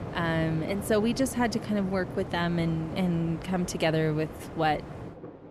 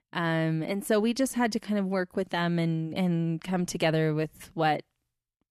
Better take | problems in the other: second | rain or running water; noticeable; throughout; 10 dB below the speech

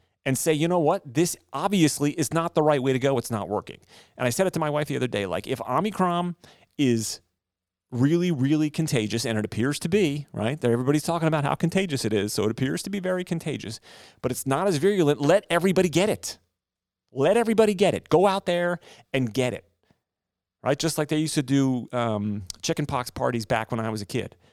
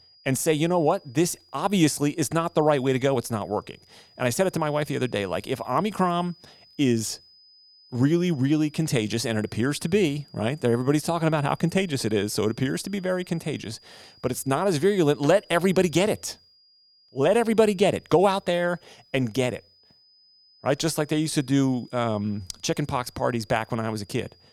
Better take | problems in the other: first | high-pitched whine; faint; throughout; 5 kHz, 30 dB below the speech

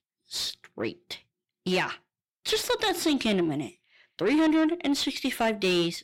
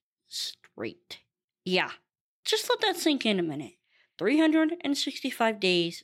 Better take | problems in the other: second | distortion; slight; 10 dB below the speech

